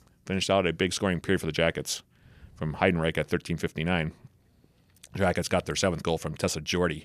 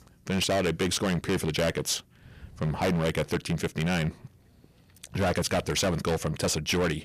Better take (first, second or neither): first